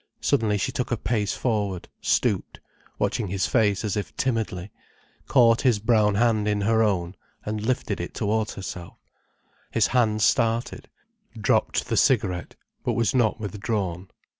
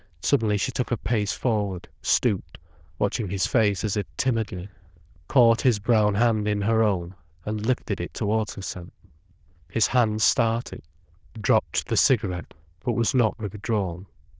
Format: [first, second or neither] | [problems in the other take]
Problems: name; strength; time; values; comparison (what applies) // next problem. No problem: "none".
first | noise reduction (neural diffusion model UNIVERSE++)